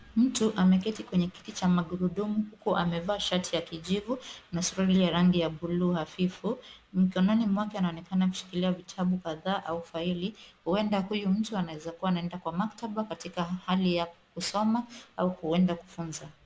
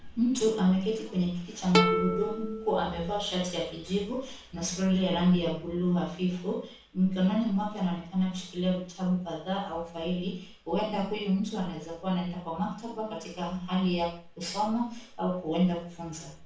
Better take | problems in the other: first | background sound (Plucked string instrument); 3 dB below the speech // room echo; dies away in 0.4 s

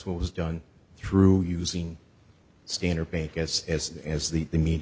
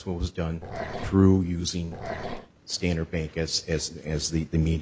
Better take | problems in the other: first | background sound (Growling); 11 dB below the speech

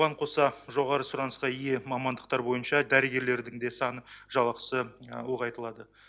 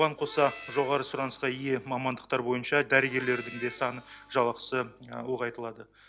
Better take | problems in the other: first | background sound (Harmonica); 19 dB below the speech

